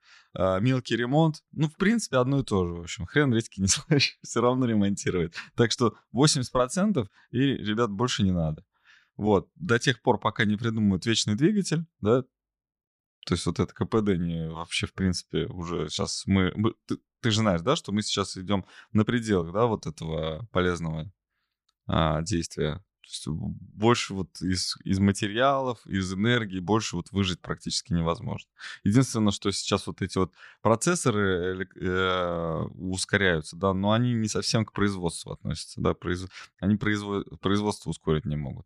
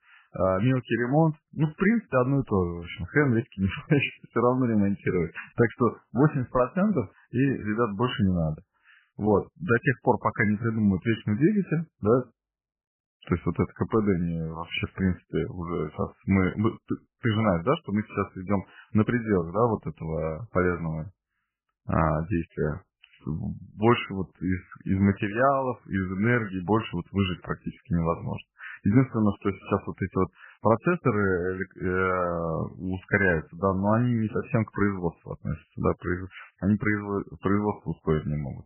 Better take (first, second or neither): first